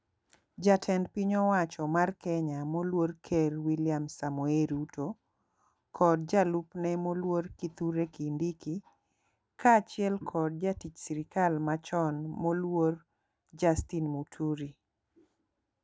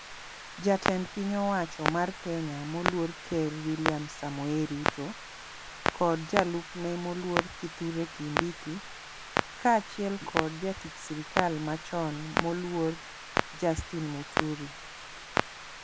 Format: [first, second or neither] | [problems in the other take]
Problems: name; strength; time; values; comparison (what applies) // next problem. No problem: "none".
first | background sound (Clock); 3 dB below the speech